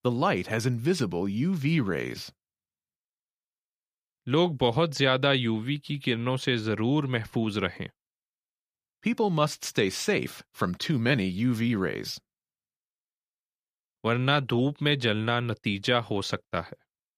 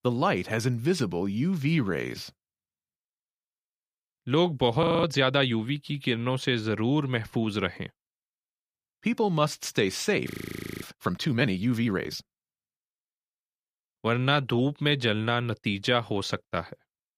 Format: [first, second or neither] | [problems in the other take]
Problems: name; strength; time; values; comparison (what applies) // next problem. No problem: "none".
first | audio freezing; at 5 s and at 10 s for 0.5 s